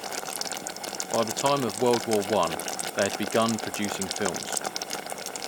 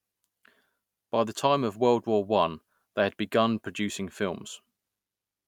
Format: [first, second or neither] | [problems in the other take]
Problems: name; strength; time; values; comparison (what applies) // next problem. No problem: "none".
second | background sound (Boiling); 4 dB below the speech